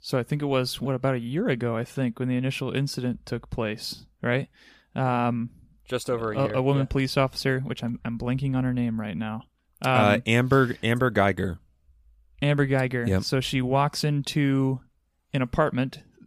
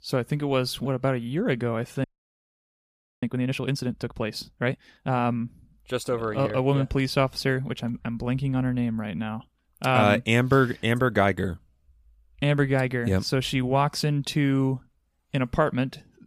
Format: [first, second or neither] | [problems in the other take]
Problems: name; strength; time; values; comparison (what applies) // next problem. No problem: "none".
first | audio freezing; at 2 s for 1 s